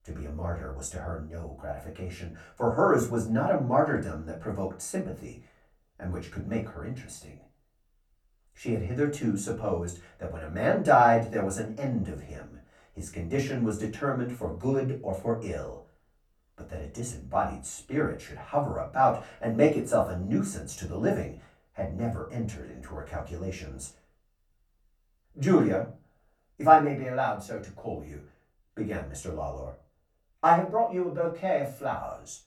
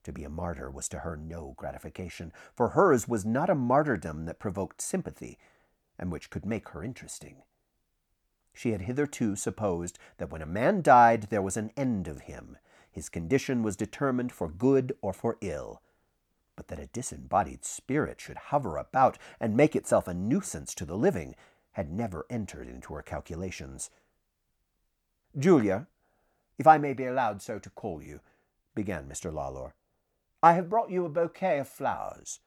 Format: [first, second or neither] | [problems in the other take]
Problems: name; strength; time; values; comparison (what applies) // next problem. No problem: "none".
second | off-mic speech; far // room echo; very slight; dies away in 0.3 s